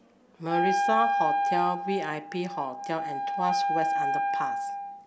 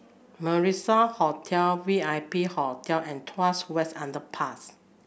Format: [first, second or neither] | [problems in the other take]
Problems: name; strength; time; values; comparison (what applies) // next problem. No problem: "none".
second | background sound (Wind instrument, woodwind instrument); 3 dB above the speech